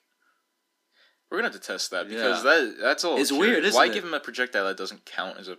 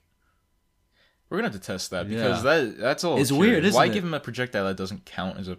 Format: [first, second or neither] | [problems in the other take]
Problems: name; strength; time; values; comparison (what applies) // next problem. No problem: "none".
second | thin; somewhat; fading below 250 Hz